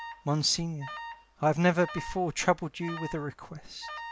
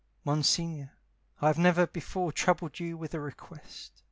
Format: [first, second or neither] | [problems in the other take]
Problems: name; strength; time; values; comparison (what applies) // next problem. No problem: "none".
second | background sound (Alarm); 14 dB below the speech